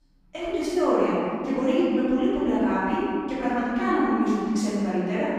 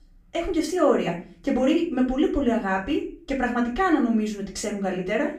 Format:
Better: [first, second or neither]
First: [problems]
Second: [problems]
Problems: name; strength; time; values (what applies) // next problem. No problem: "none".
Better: second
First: room echo; strong; dies away in 2.2 s // off-mic speech; far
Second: room echo; slight; dies away in 0.4 s // off-mic speech; far